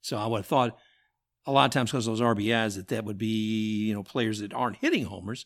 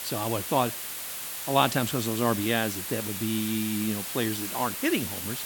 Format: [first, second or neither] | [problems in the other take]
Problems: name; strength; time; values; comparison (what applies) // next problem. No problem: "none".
first | hiss; loud; throughout; 4 dB below the speech